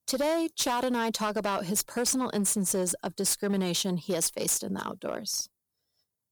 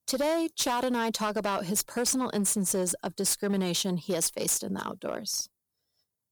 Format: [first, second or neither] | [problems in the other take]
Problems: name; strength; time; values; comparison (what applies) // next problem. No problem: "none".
neither | distortion; slight; 9% of the sound clipped; the same in both